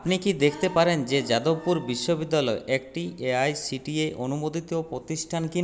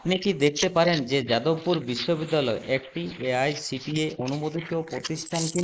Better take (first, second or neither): first